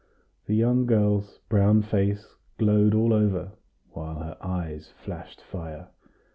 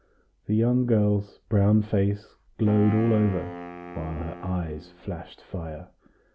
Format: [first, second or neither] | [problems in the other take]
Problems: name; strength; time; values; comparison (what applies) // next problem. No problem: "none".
first | background sound (Wind instrument, woodwind instrument); 14 dB below the speech